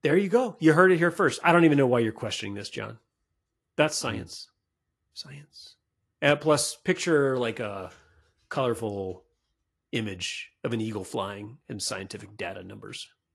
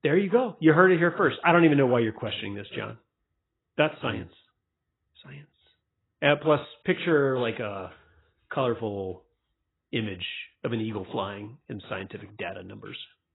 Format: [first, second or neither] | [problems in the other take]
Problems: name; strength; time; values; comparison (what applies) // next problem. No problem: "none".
first | garbled, watery; badly; nothing above 4 kHz; slightly in the first